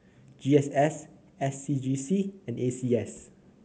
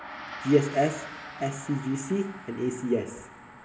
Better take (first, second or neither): first